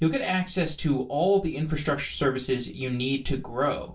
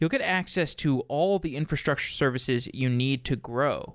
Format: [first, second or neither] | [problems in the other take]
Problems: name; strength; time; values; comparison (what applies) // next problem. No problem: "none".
second | room echo; dies away in 0.2 s